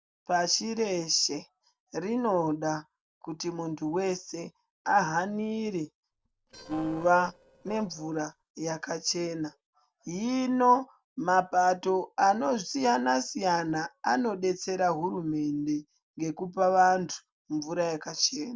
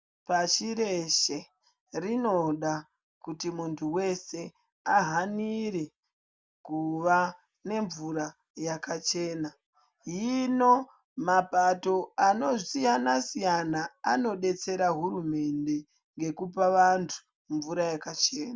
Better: second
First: noise reduction (neural separator model SepFormer DNS4)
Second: none

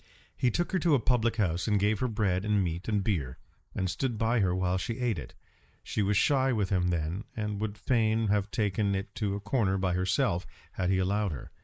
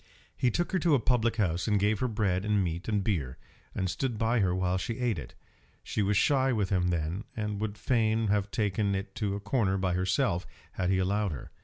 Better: second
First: noise reduction (neural mask model Resemble Enhance denoiser)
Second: none

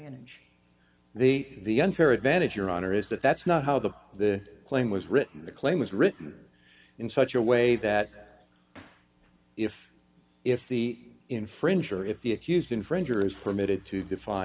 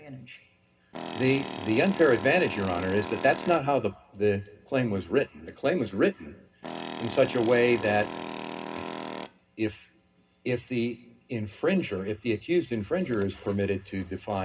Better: first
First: none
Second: background sound (Tools); 9 dB below the speech // room echo; dies away in 0.2 s

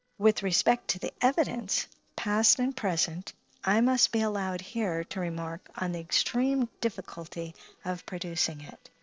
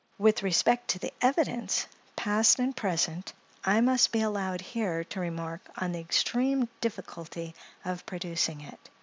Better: second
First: noise reduction (neural separator model SepFormer DNS4)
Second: none

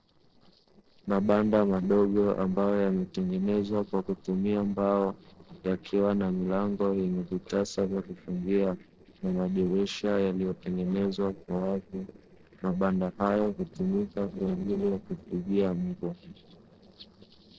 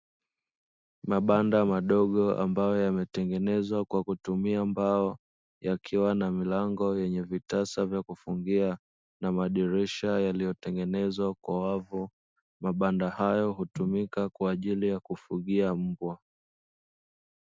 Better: second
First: noise reduction (neural separator model SepFormer DNS4)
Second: none

